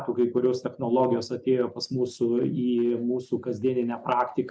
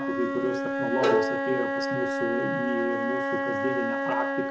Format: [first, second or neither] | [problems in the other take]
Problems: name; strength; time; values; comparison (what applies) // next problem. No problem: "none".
first | background sound (Wind instrument, woodwind instrument + Bowed string instrument); 4 dB above the speech